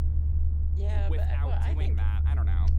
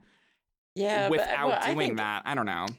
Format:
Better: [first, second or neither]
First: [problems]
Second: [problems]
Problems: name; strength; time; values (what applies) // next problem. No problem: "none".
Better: second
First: low rumble; loud; throughout; 4 dB below the speech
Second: none